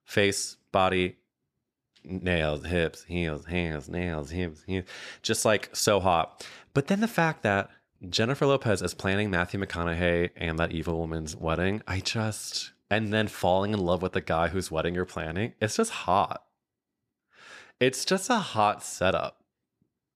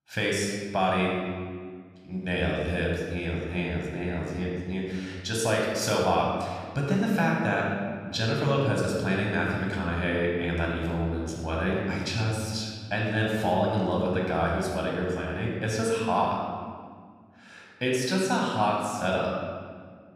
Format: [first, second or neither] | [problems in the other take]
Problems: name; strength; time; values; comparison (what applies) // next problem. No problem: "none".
first | off-mic speech; far // room echo; noticeable; dies away in 1.7 s